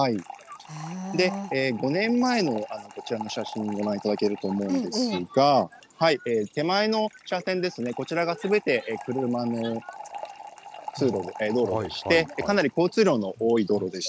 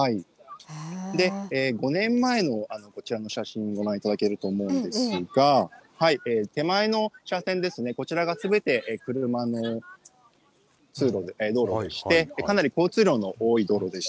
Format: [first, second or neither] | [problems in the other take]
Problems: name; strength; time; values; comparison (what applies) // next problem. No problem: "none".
second | background sound (Fill (with liquid) / Trickle, dribble); 17 dB below the speech